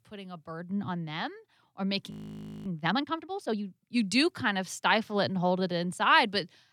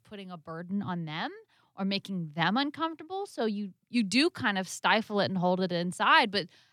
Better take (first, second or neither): second